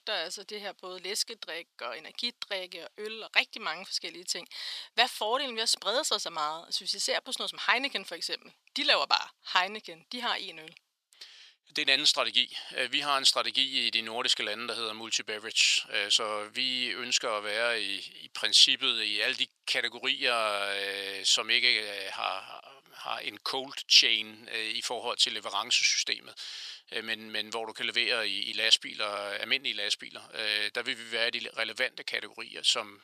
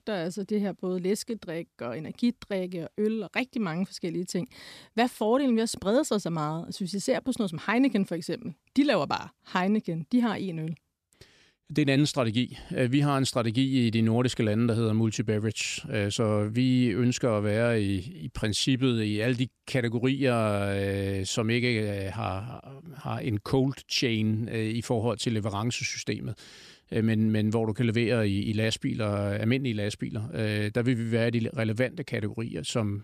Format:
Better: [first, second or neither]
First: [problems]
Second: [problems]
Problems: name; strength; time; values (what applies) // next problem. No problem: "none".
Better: second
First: thin; very; fading below 900 Hz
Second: none